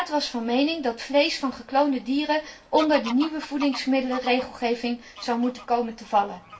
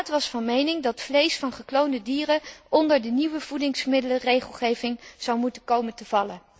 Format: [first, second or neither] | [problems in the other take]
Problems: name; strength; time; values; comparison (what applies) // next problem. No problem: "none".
second | background sound (Bird vocalization, bird call, bird song / Fowl); 17 dB below the speech // room echo; dies away in 0.2 s